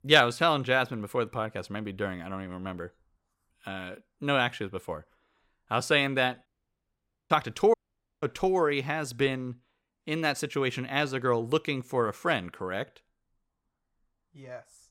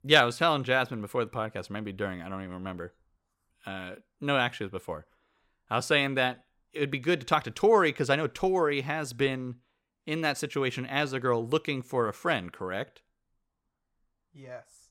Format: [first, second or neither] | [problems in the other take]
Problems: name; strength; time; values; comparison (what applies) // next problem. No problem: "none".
second | audio cutting out; at 6.5 s for 1 s and at 7.5 s